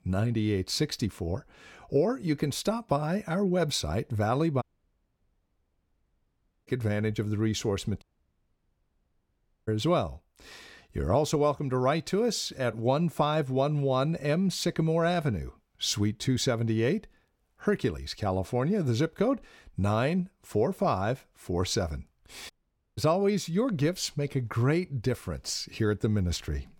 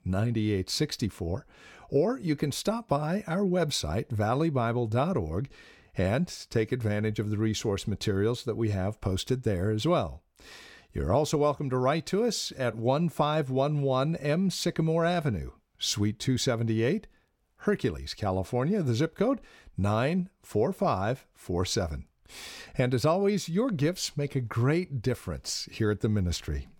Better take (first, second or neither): second